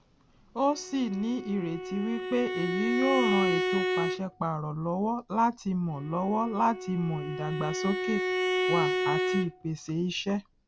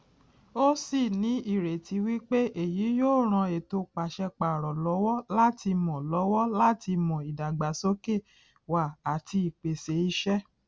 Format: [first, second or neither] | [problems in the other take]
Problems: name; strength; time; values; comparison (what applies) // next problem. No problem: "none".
second | background sound (Bowed string instrument); 2 dB below the speech